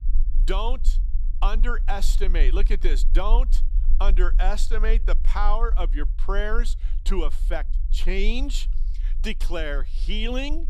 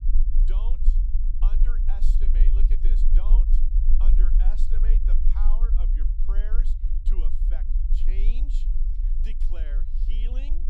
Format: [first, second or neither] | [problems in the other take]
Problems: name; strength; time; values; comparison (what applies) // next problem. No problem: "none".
first | low rumble; loud; throughout; 2 dB below the speech; faint in the first